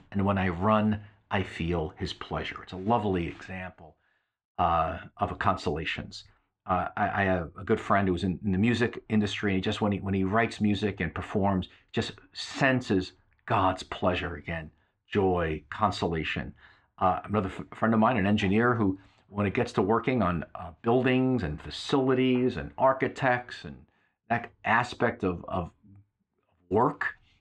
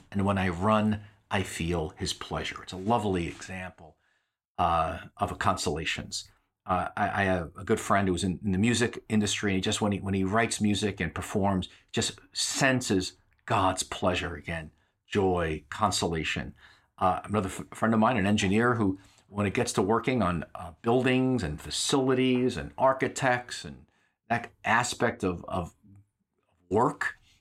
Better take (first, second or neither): second